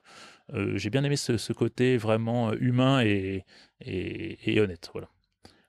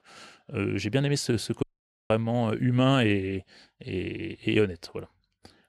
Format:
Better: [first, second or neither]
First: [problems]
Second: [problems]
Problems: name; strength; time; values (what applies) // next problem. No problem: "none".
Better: first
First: none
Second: audio cutting out; at 1.5 s